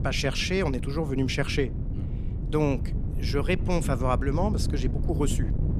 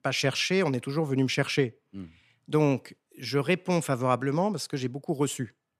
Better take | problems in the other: second | wind noise on the microphone; occasional gusts; 10 dB below the speech

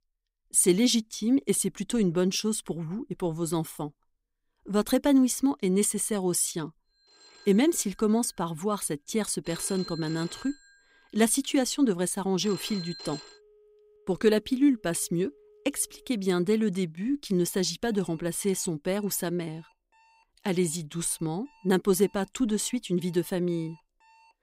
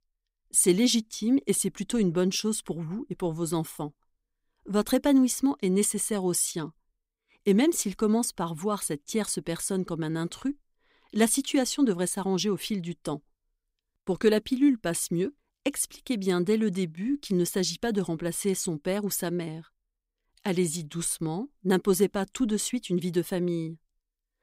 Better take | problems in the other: second | alarms or sirens; noticeable; from 7.5 s on; 20 dB below the speech

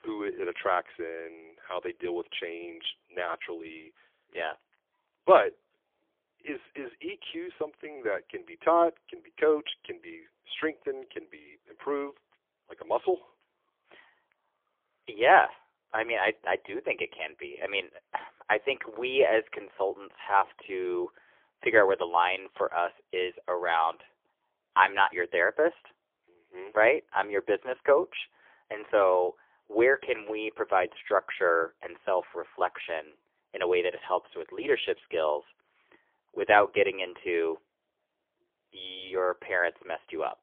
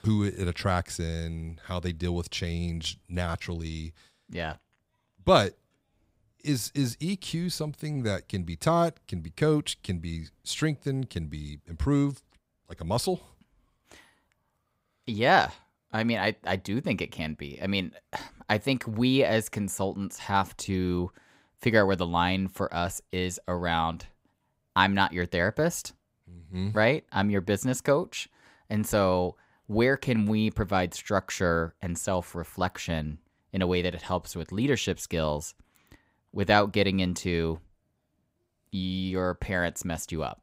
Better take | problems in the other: second | phone-call audio; poor line; nothing above 3.5 kHz

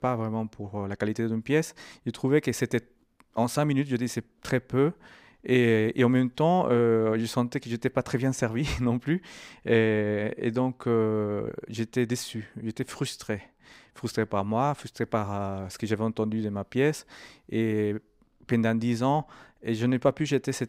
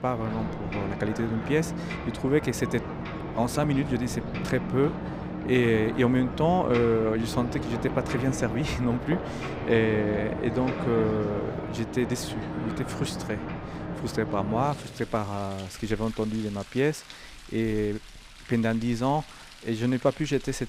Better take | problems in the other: first | rain or running water; loud; throughout; 6 dB below the speech

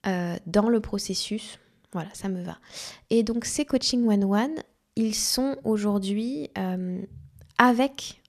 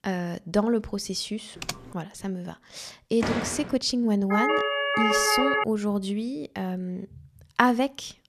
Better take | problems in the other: first | keyboard typing; noticeable; at 1.5 s; peak 8 dB below the speech // door banging; noticeable; at 3 s; peak 2 dB below the speech // siren; loud; from 4.5 to 5.5 s; peak 5 dB above the speech

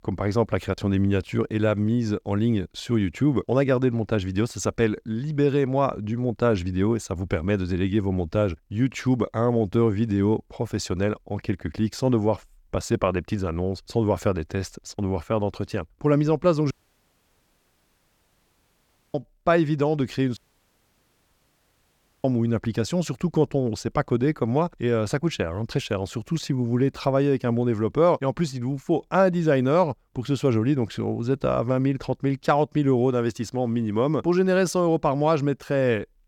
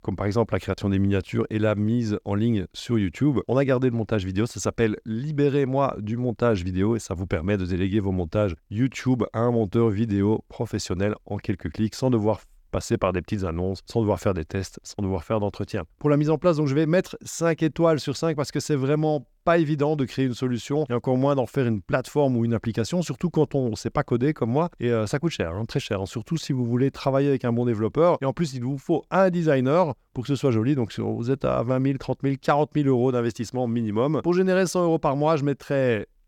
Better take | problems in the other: second | audio cutting out; at 17 s for 2.5 s and at 20 s for 2 s

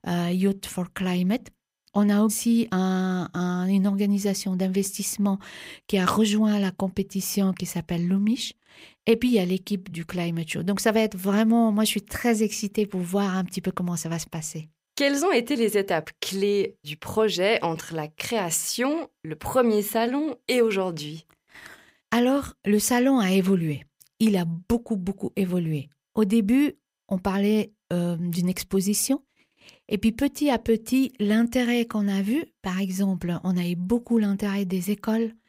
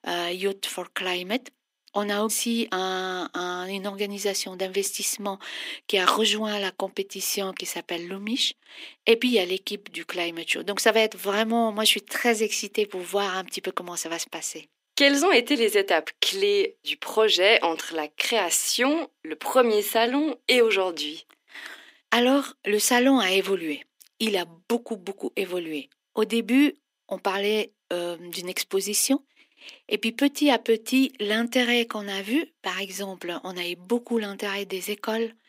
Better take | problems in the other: first | thin; somewhat; fading below 250 Hz

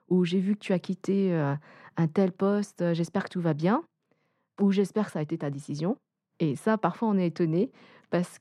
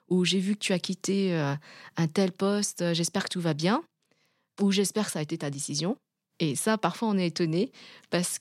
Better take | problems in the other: second | muffled; very; fading above 2.5 kHz

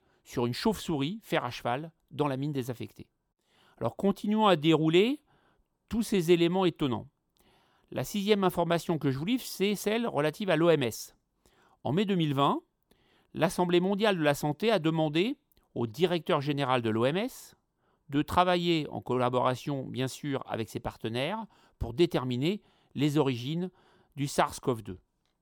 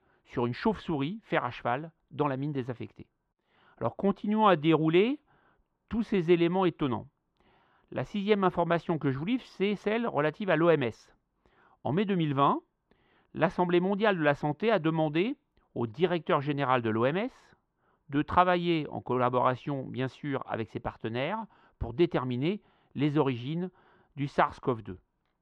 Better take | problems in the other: first | muffled; slightly; fading above 2 kHz

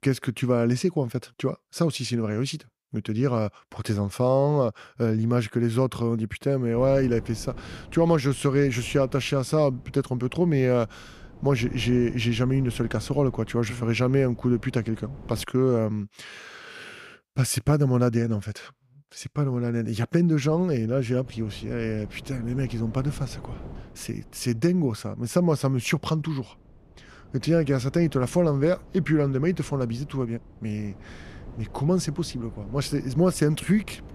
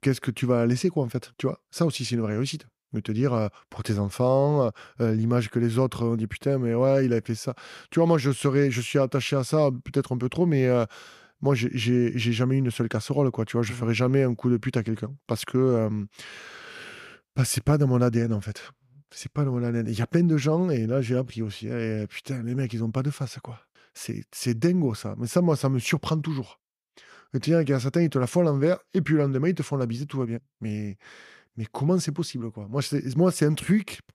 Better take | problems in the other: second | wind noise on the microphone; occasional gusts; from 7 to 15 s and from 20 s on; 20 dB below the speech

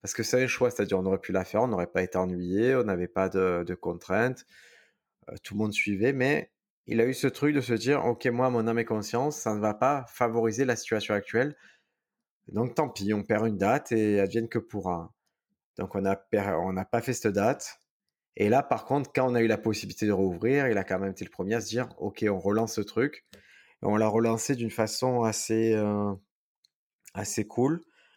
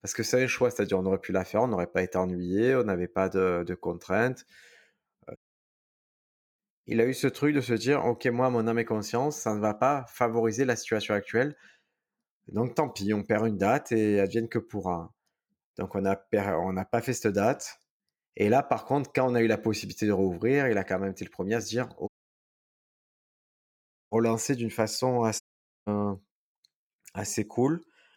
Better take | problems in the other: first | audio cutting out; at 5.5 s for 1 s, at 22 s for 2 s and at 25 s

